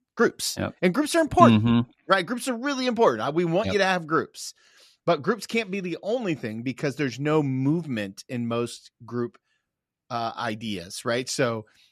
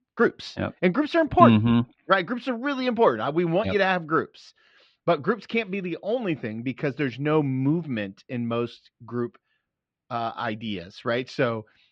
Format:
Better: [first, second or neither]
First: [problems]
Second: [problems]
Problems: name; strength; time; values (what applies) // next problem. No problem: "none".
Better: first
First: none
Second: muffled; slightly; fading above 3.5 kHz